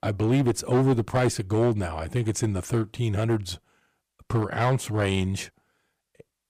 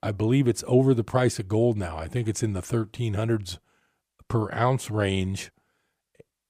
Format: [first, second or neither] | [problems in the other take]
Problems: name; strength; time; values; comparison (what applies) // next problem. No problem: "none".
second | distortion; slight; 5% of the sound clipped